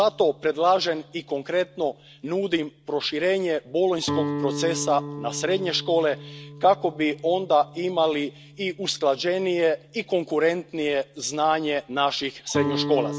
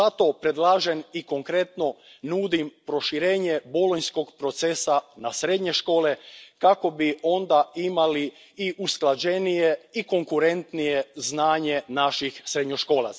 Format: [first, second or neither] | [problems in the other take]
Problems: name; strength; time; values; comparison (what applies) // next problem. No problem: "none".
second | background sound (Guitar); 11 dB below the speech